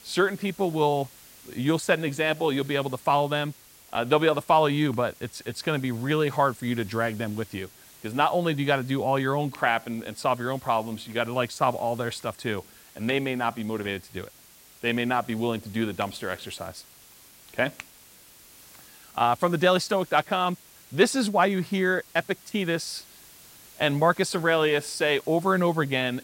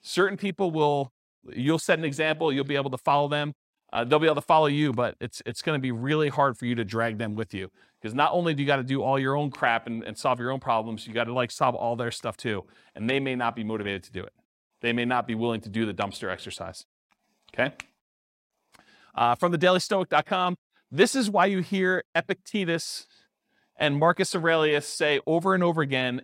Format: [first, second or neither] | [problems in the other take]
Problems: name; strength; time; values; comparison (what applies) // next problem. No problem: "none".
second | hiss; faint; throughout; 25 dB below the speech